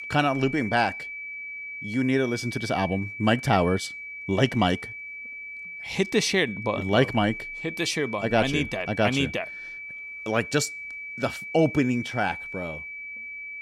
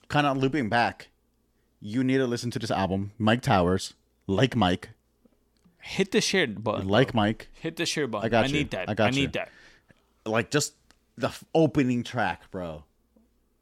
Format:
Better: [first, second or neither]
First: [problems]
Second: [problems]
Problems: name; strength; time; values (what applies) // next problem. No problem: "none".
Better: second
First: high-pitched whine; loud; throughout; 2.5 kHz, 9 dB below the speech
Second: none